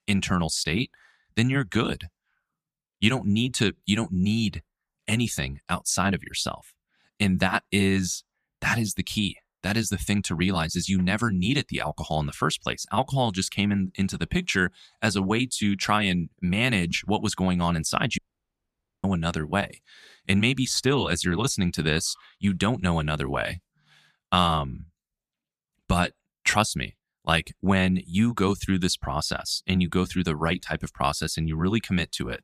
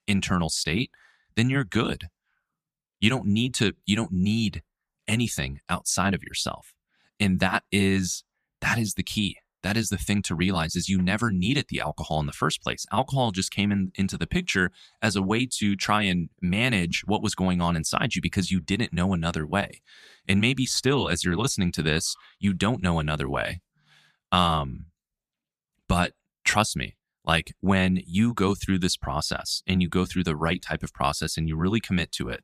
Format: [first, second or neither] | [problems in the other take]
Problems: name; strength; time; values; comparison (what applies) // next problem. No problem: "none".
second | audio cutting out; at 18 s for 1 s